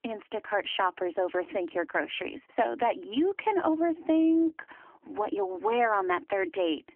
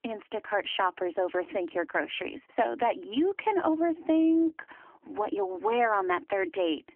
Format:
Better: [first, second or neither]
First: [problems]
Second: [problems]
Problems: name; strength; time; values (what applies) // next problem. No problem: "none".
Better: neither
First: phone-call audio; nothing above 3 kHz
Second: phone-call audio; nothing above 3 kHz